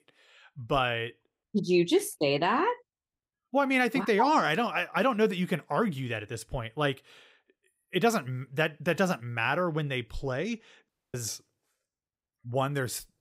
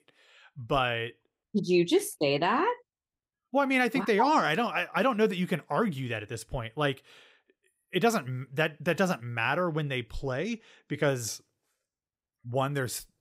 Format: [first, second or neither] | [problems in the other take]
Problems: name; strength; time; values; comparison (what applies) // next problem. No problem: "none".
second | audio cutting out; at 11 s